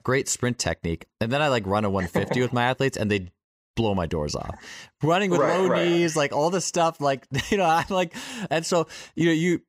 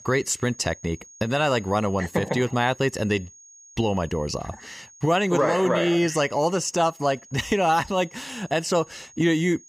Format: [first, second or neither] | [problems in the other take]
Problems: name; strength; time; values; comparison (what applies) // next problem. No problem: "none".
first | high-pitched whine; faint; throughout; 6.5 kHz, 25 dB below the speech